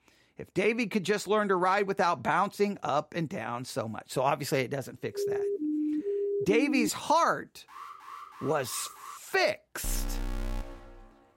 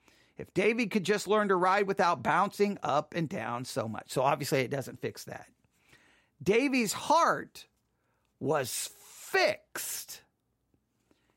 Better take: second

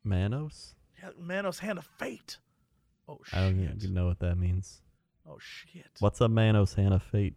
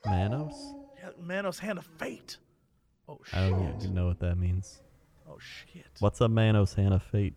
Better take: first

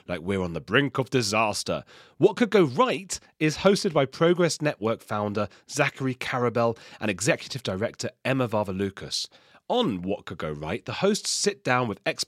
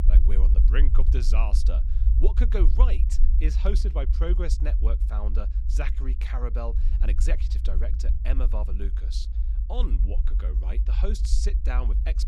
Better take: first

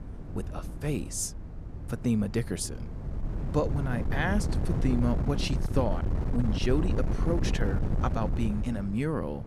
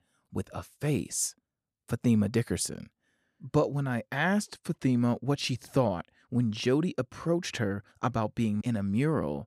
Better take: second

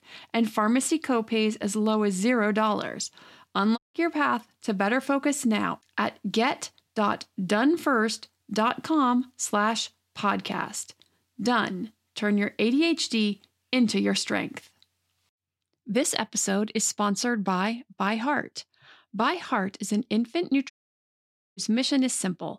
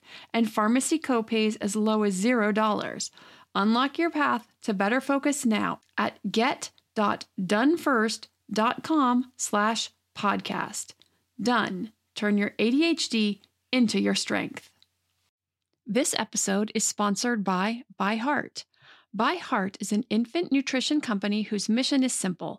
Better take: second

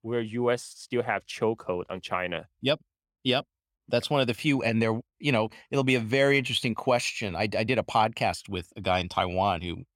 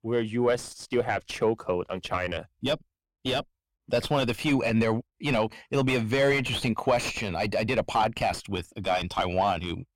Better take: first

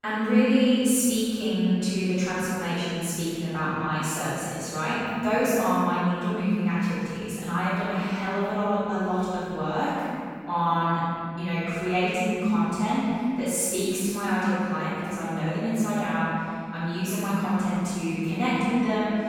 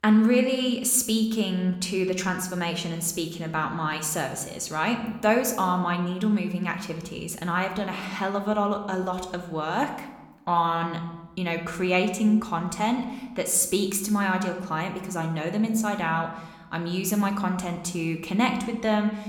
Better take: second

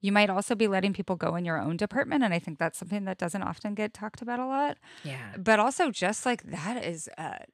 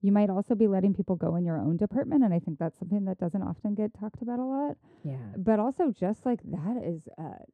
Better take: first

